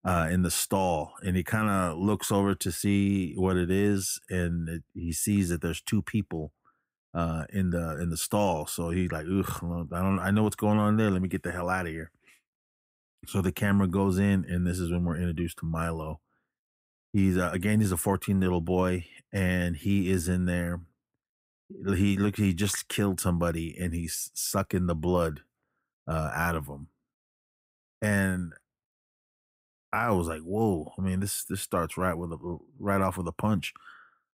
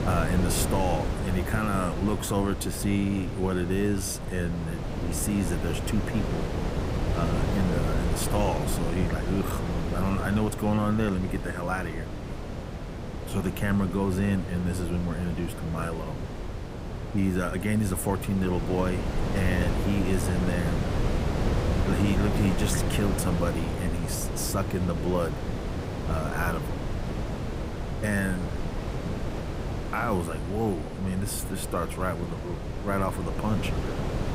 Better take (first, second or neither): first